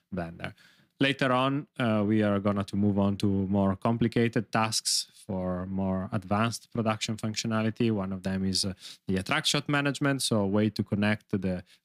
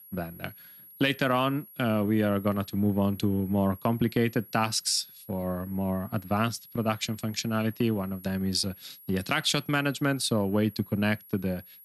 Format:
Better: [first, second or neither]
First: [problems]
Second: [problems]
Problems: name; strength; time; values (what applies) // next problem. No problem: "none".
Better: first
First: none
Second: high-pitched whine; noticeable; throughout; 11.5 kHz, 20 dB below the speech